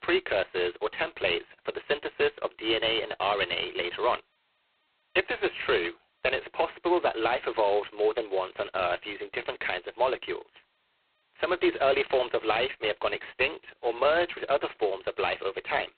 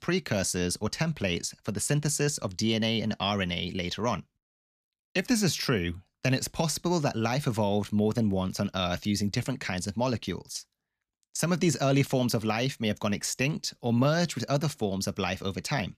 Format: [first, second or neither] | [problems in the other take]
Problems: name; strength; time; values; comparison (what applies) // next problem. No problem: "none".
second | phone-call audio; poor line; nothing above 4 kHz